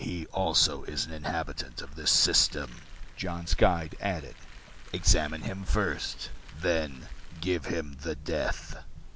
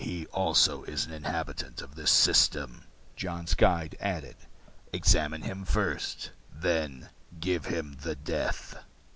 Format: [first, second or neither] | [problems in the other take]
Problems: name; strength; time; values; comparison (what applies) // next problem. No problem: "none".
second | background sound (Car); 13 dB below the speech